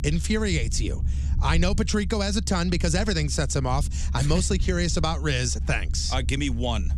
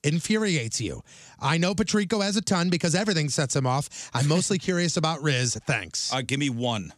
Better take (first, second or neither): second